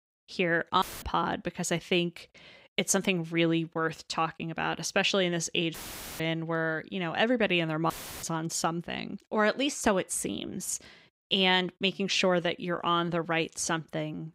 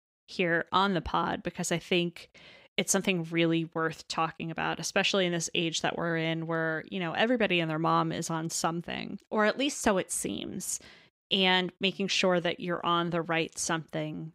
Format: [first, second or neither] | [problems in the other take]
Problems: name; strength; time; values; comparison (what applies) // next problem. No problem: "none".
second | audio cutting out; filled with static; at 1 s, at 5.5 s and at 8 s